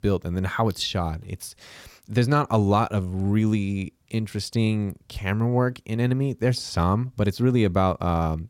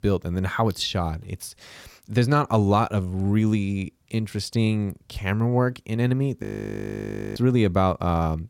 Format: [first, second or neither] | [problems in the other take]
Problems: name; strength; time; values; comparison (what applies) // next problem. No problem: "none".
first | audio freezing; at 6.5 s for 1 s